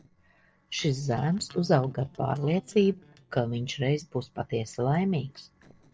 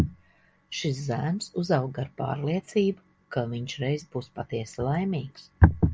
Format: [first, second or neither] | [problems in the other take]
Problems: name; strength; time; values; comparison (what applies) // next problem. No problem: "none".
second | noise reduction (neural separator model SepFormer DNS4)